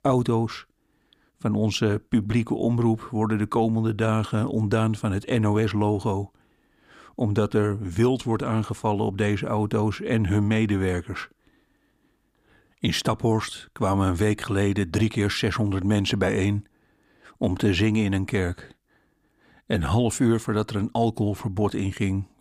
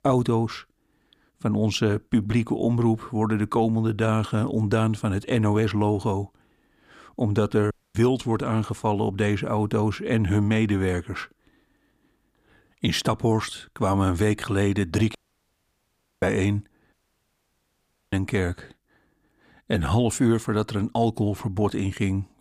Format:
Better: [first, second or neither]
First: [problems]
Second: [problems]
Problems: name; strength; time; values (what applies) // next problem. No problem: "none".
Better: first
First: none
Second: audio cutting out; at 7.5 s, at 15 s for 1 s and at 17 s for 1 s